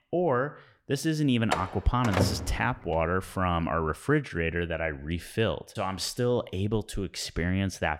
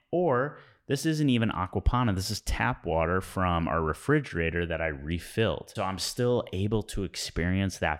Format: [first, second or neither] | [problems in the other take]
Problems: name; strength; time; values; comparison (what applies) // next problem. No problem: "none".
second | door banging; loud; from 1.5 to 2.5 s; peak level with the speech